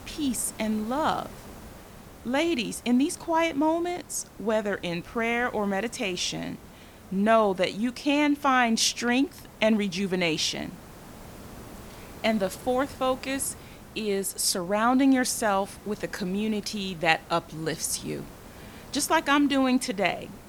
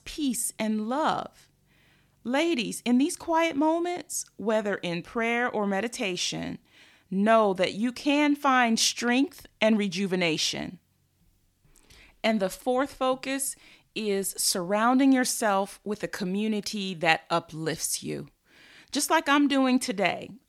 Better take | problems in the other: second | hiss; faint; throughout; 20 dB below the speech

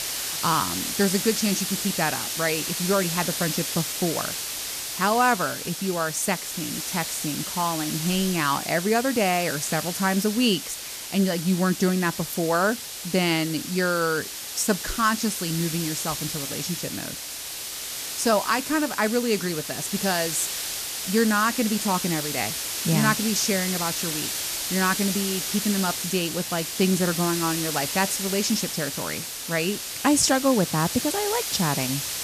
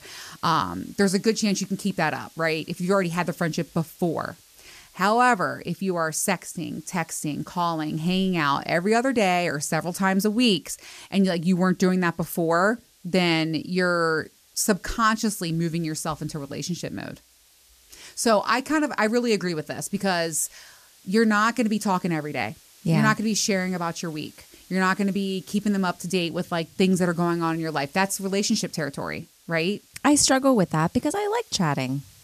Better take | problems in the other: second | hiss; loud; throughout; 3 dB below the speech; faint in the second

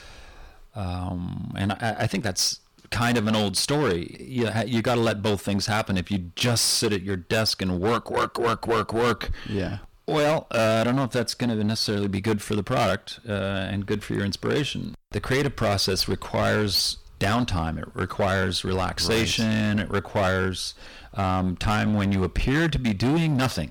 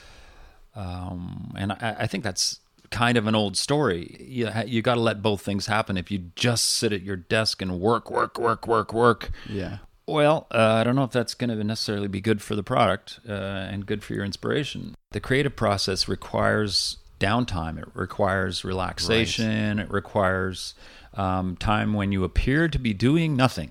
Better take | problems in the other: second | distortion; heavy; 13% of the sound clipped

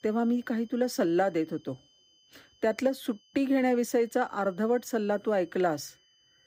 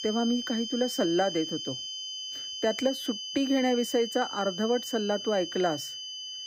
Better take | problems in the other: first | high-pitched whine; loud; throughout; 3 kHz, 6 dB below the speech; faint in the first

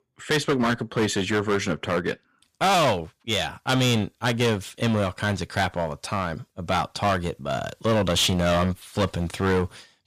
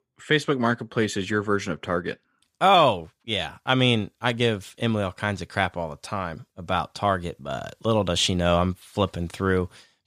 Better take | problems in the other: second | distortion; heavy; 12% of the sound clipped

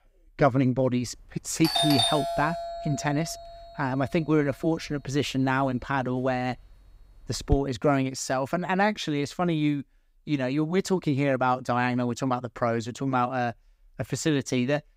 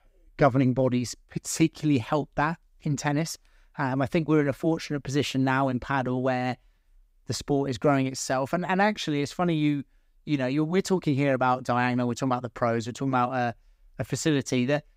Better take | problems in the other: second | doorbell; loud; from 1.5 to 7.5 s; peak 4 dB above the speech

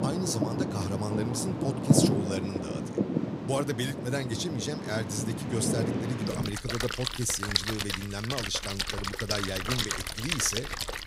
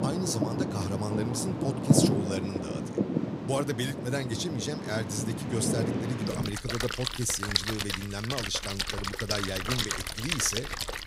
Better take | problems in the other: neither | rain or running water; very loud; throughout; 1 dB above the speech; the same in both

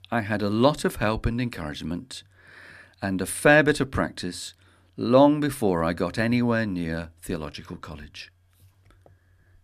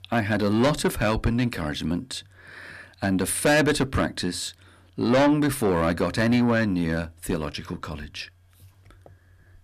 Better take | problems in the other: first | distortion; heavy; 6 dB below the speech

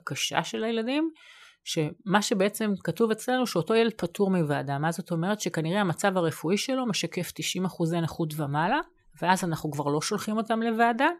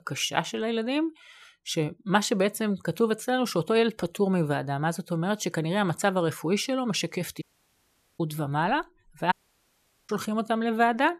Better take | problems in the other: first | audio cutting out; at 7.5 s for 1 s and at 9.5 s for 1 s

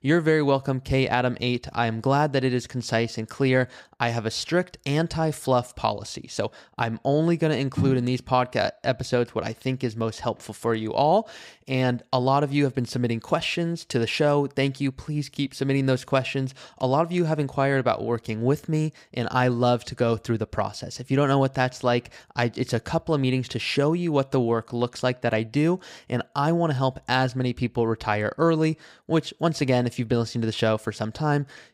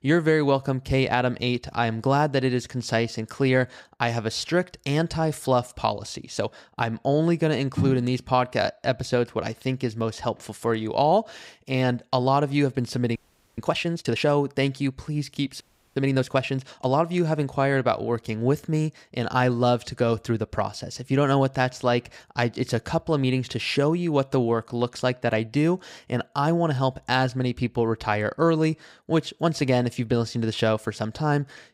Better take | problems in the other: first | audio freezing; at 13 s and at 16 s

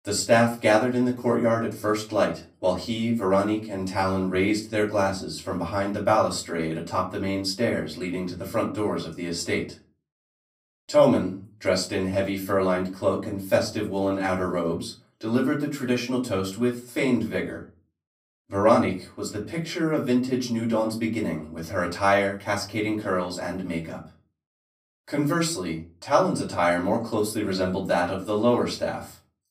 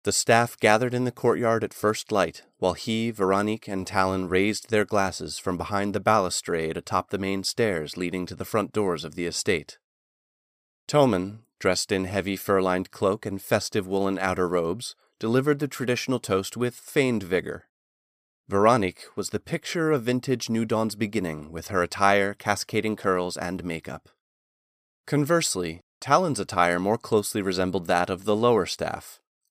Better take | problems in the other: second | off-mic speech; far // room echo; very slight; dies away in 0.3 s

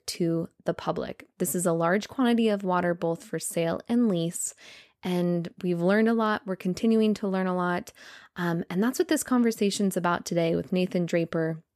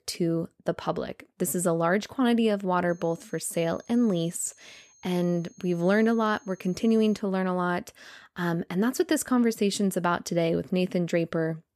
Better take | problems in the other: first | high-pitched whine; faint; from 3 to 7 s; 6.5 kHz, 30 dB below the speech

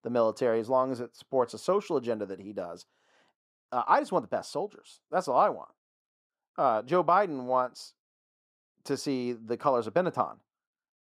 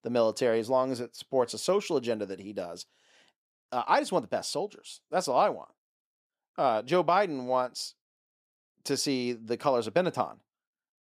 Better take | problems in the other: second | muffled; slightly; fading above 1.5 kHz

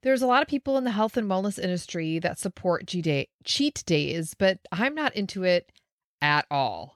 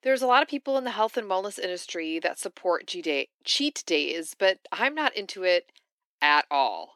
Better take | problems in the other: first | thin; somewhat; fading below 300 Hz

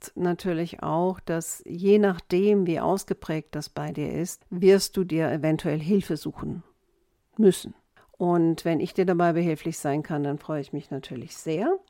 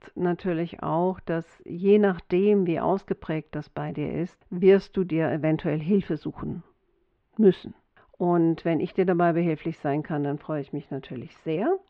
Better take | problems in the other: first | muffled; very; fading above 3 kHz

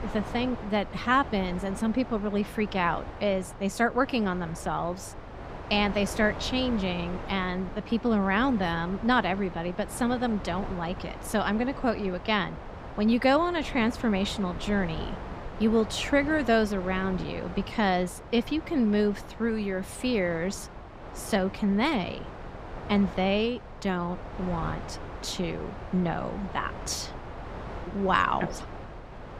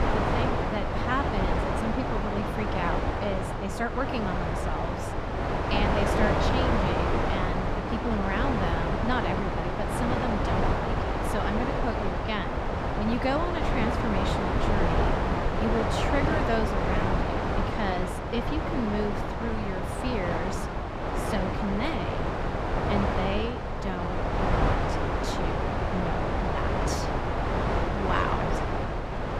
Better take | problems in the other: first | wind noise on the microphone; heavy; 4 dB above the speech; occasional gusts in the first

